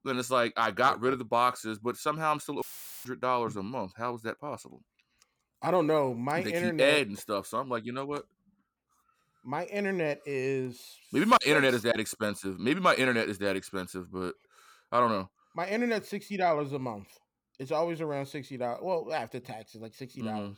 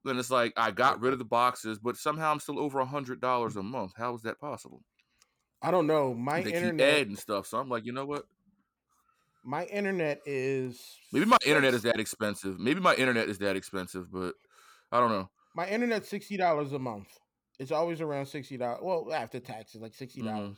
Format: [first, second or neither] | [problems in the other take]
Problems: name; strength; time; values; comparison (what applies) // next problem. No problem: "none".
second | audio cutting out; filled with static; at 2.5 s